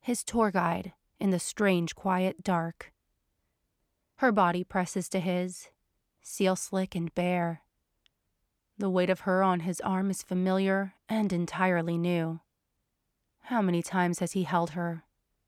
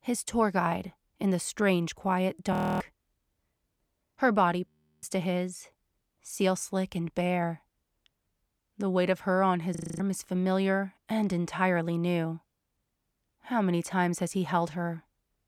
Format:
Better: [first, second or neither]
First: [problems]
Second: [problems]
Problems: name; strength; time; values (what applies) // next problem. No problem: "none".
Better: first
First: none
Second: audio freezing; at 2.5 s, at 4.5 s and at 10 s